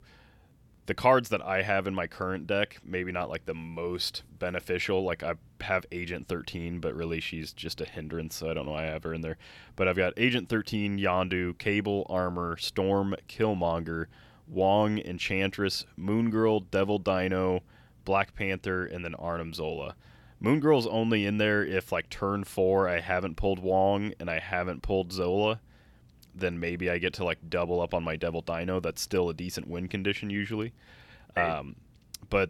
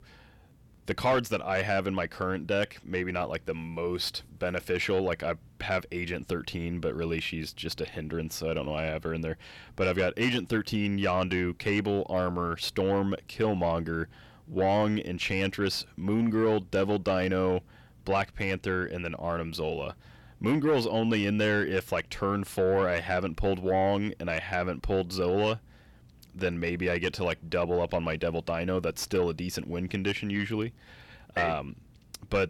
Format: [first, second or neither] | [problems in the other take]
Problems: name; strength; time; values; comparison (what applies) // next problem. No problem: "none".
first | distortion; slight; 10 dB below the speech